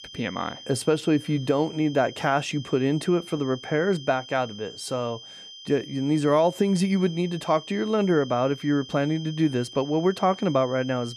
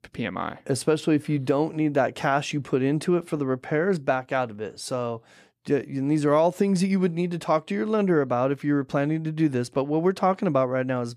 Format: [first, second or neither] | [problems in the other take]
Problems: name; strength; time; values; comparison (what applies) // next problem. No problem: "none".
second | high-pitched whine; noticeable; throughout; 3 kHz, 15 dB below the speech